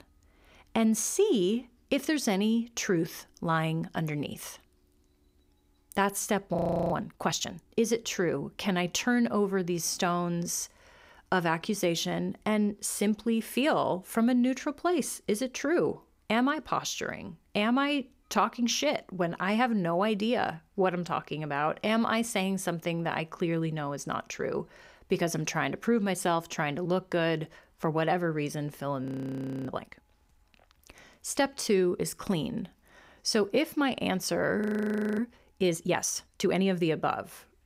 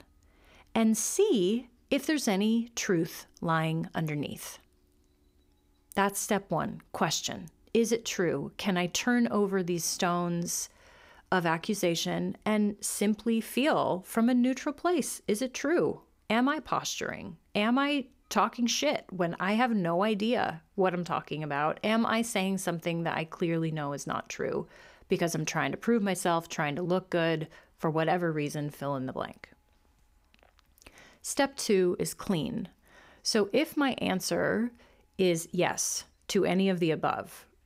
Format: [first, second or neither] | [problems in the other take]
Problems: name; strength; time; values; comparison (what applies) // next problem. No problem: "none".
second | audio freezing; at 6.5 s, at 29 s for 0.5 s and at 35 s for 0.5 s